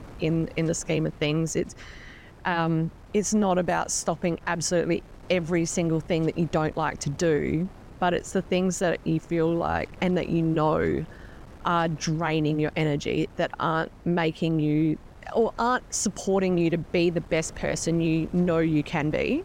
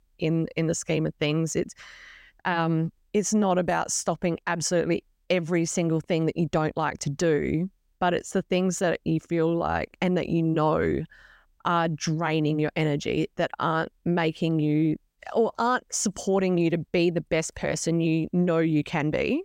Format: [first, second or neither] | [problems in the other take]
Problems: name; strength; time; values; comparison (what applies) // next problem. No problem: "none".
second | wind noise on the microphone; occasional gusts; 25 dB below the speech